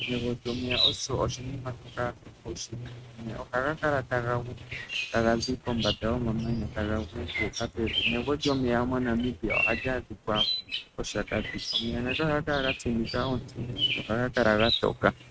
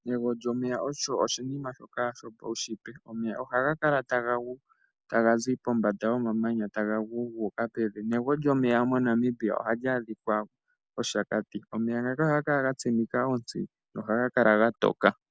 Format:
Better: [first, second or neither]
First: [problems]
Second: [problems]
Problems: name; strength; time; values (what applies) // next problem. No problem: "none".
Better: second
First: noise reduction (neural mask model RNNoise)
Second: none